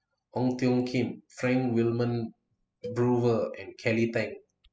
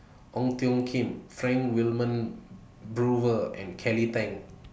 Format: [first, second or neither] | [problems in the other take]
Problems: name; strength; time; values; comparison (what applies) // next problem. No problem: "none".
second | noise reduction (classical method spectral subtraction)